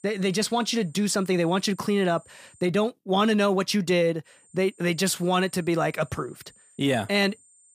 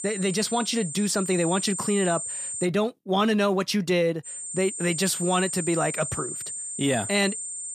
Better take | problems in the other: first | high-pitched whine; loud; until 2.5 s and from 4.5 s on; 8.5 kHz, 5 dB below the speech; faint in the first

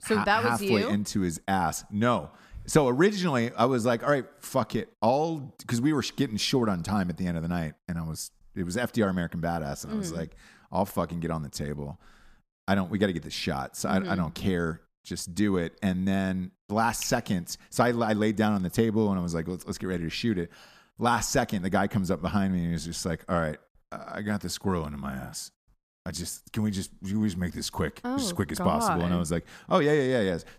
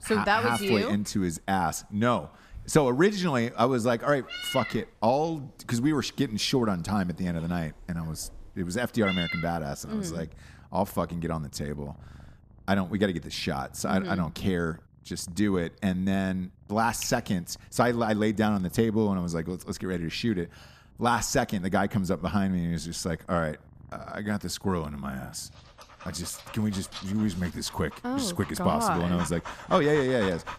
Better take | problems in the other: first | animal sounds; noticeable; throughout; 15 dB below the speech

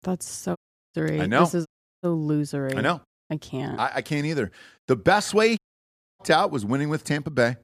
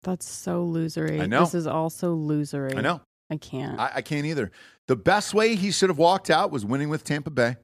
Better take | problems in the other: second | audio cutting out; at 0.5 s, at 1.5 s and at 5.5 s for 0.5 s

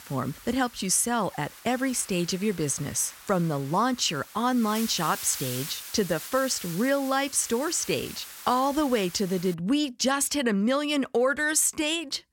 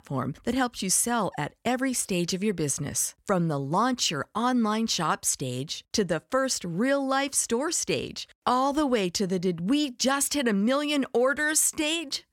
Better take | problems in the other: second | hiss; noticeable; until 9.5 s; 15 dB below the speech

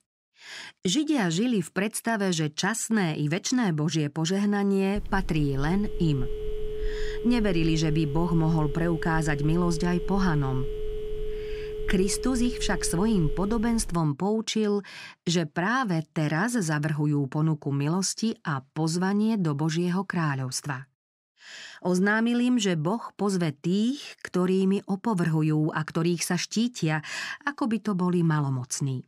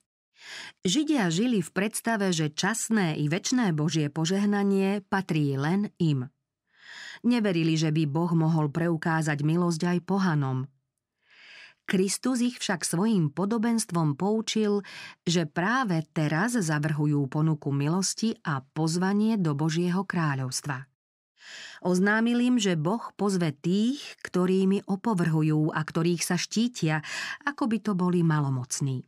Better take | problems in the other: second | phone ringing; noticeable; from 5 to 14 s; peak 7 dB below the speech

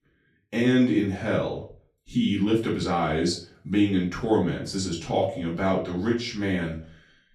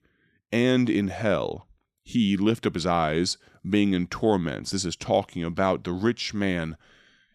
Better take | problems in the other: second | room echo; slight; dies away in 0.3 s // off-mic speech; far

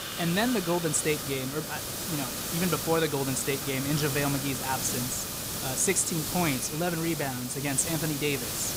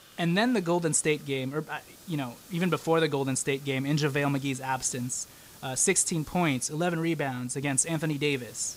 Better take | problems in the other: second | hiss; loud; throughout; 3 dB below the speech; faint in the second

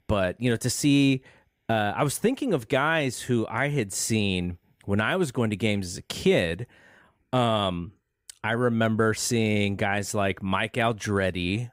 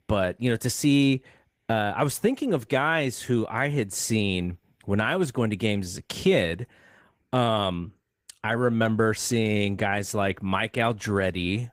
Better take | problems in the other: first | garbled, watery; slightly; nothing above 15.5 kHz

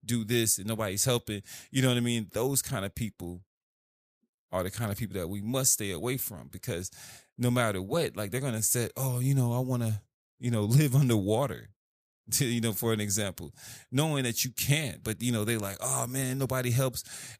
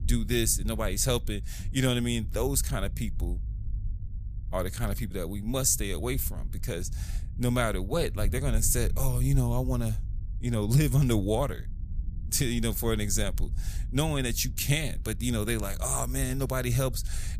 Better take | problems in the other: first | low rumble; faint; throughout; 20 dB below the speech

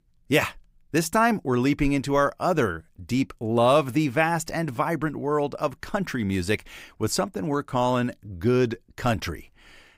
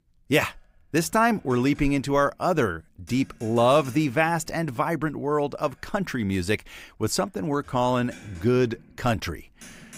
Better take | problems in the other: first | traffic noise; faint; throughout; 25 dB below the speech

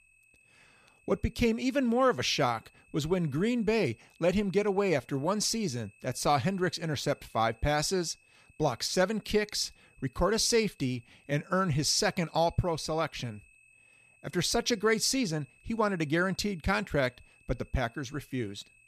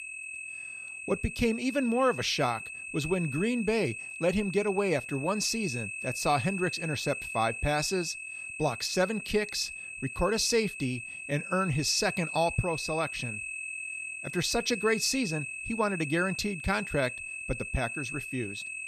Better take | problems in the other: first | high-pitched whine; loud; throughout; 2.5 kHz, 7 dB below the speech; faint in the first

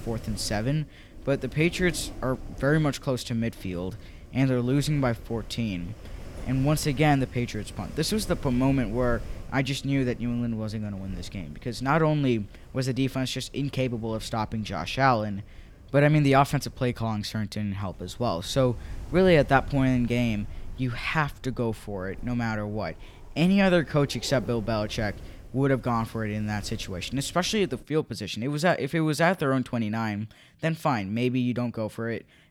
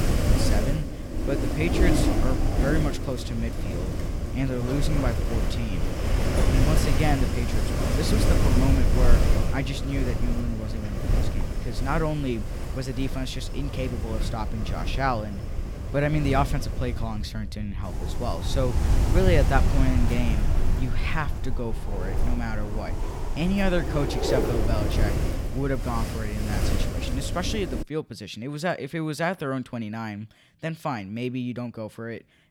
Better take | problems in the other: first | wind noise on the microphone; heavy; until 28 s; 3 dB below the speech; occasional gusts in the first

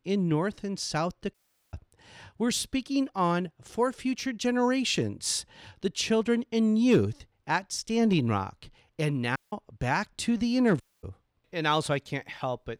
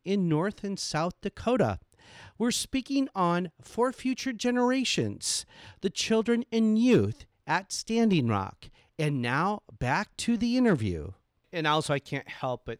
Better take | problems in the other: second | audio cutting out; at 1.5 s, at 9.5 s and at 11 s

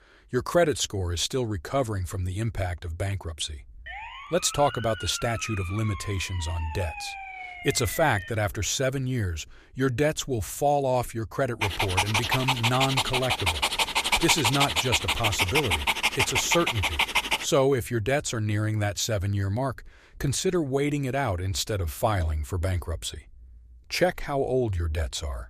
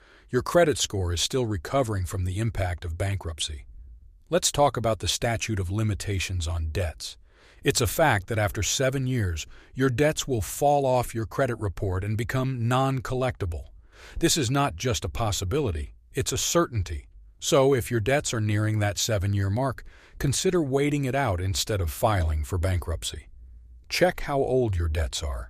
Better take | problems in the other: second | siren; noticeable; from 4 to 8.5 s; peak 9 dB below the speech // dog barking; loud; from 12 to 17 s; peak 5 dB above the speech

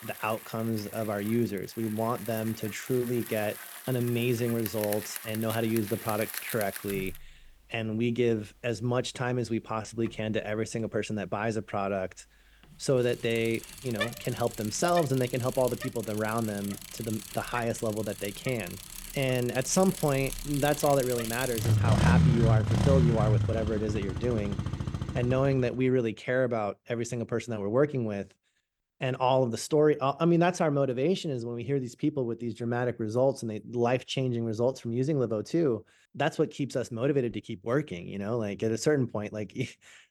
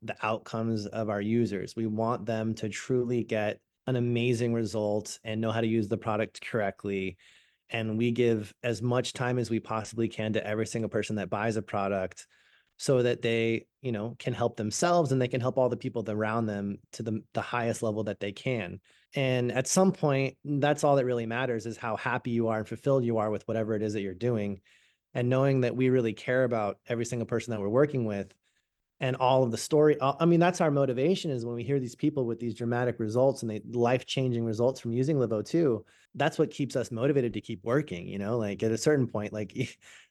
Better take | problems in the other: second | traffic noise; loud; until 26 s; 3 dB below the speech

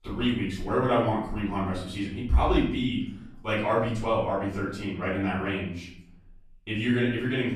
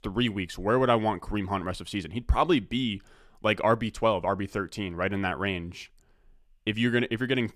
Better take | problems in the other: second | off-mic speech; far // room echo; noticeable; dies away in 0.6 s

